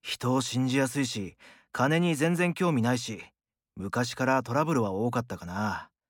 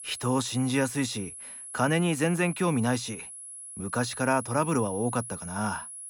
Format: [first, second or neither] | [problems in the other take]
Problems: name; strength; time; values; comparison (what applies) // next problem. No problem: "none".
first | high-pitched whine; noticeable; throughout; 10.5 kHz, 10 dB below the speech